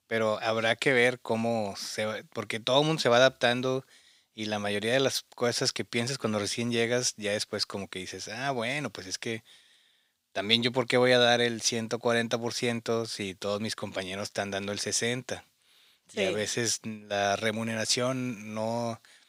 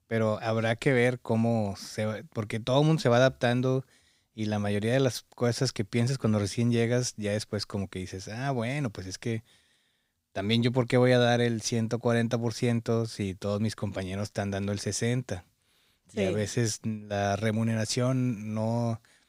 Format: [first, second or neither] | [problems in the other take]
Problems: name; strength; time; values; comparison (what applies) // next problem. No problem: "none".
second | thin; very slightly; fading below 550 Hz